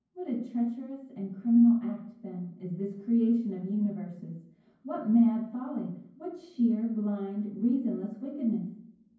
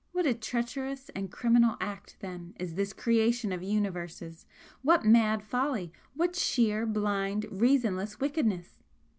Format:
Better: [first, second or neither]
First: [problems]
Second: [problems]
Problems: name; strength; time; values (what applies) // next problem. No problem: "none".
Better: second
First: room echo; dies away in 0.9 s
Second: none